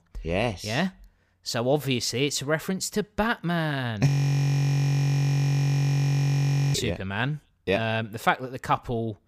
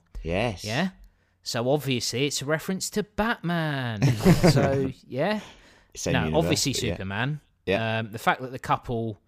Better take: second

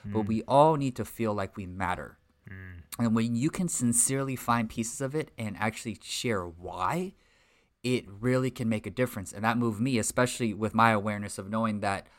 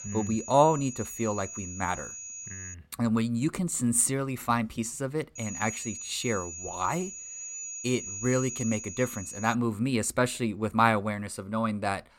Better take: first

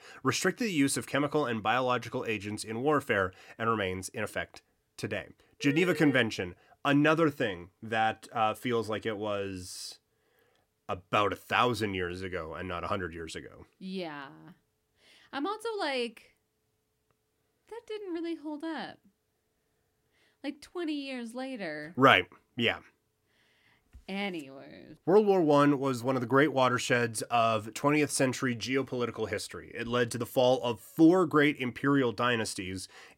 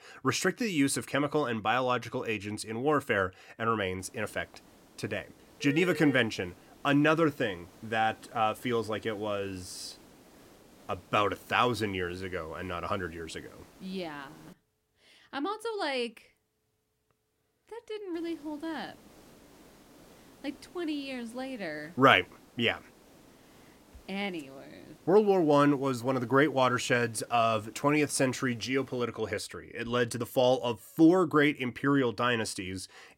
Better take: first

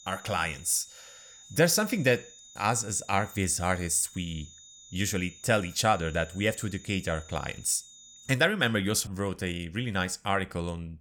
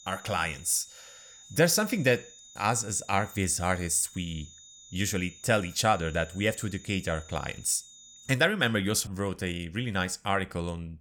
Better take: neither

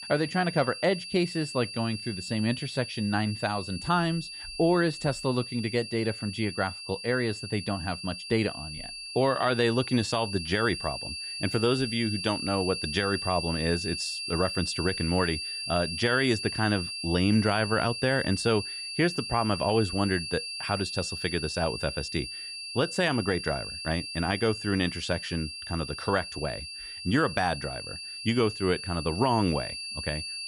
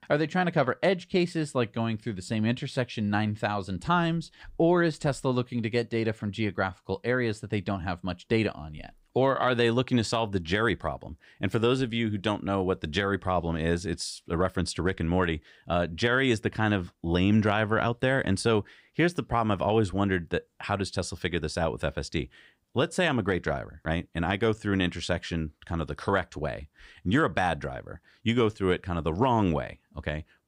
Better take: second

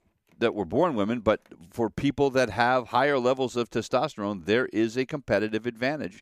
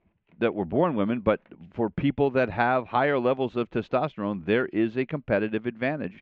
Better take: first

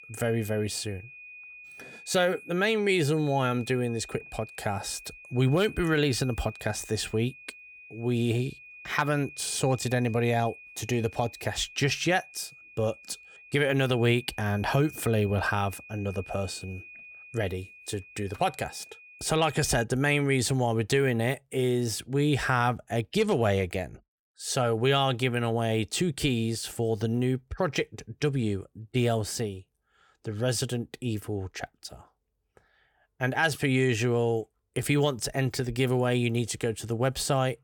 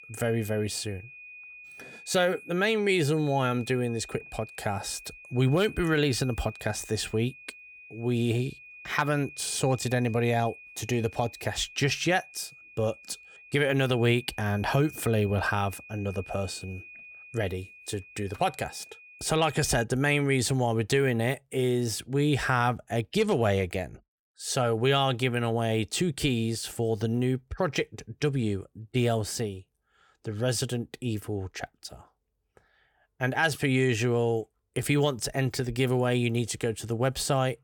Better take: neither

